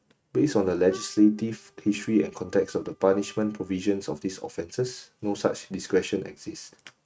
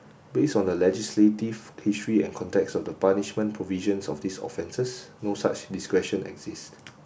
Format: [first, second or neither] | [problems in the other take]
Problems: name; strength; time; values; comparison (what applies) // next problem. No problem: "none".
second | noise reduction (neural mask model RNNoise)